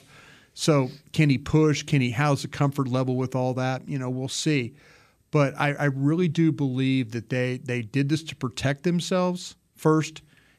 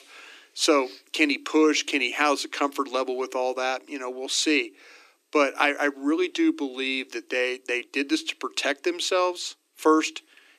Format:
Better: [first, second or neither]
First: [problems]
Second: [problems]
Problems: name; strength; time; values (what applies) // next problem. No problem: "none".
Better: first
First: none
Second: thin; somewhat; fading below 300 Hz